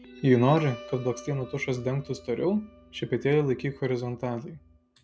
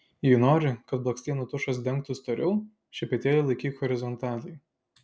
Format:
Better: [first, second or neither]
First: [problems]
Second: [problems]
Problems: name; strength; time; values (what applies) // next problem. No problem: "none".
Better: second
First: background sound (Guitar); 19 dB below the speech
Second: none